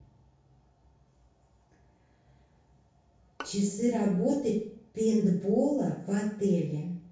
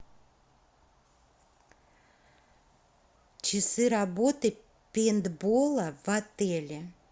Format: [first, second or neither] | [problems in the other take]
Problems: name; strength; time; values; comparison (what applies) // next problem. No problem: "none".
second | background sound (Bowed string instrument); 19 dB below the speech // room echo; dies away in 0.5 s